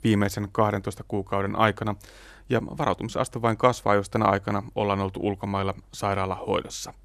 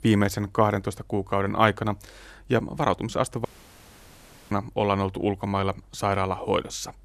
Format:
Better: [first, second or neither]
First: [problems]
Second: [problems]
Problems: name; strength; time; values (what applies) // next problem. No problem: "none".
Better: first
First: none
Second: audio cutting out; at 3.5 s for 1 s